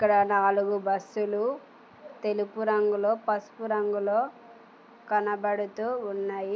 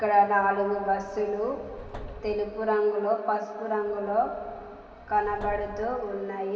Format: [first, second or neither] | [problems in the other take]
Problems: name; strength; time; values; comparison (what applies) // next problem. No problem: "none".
first | background sound (Subway, metro, underground); 18 dB below the speech // room echo; dies away in 2.5 s